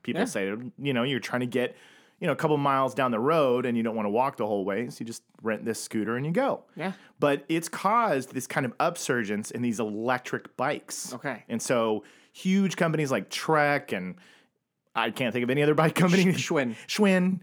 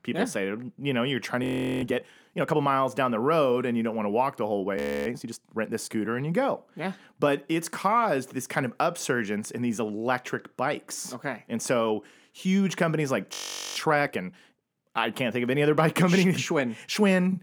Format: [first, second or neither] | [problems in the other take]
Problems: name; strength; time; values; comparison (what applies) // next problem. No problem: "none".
first | audio freezing; at 1.5 s, at 5 s and at 13 s